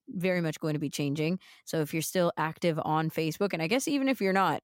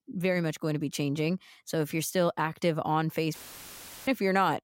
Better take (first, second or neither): first